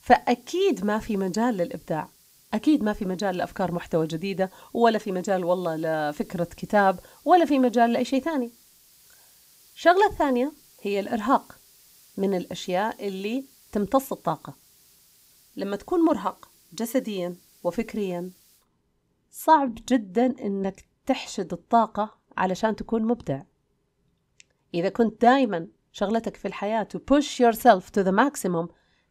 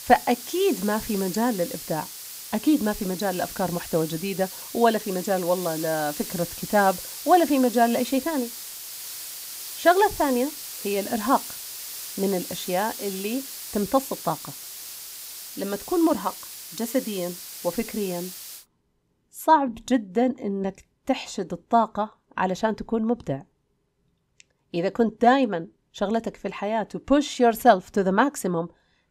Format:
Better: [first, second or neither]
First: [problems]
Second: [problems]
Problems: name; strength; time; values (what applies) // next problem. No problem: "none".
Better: first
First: hiss; faint; until 19 s; 30 dB below the speech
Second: hiss; loud; until 19 s; 10 dB below the speech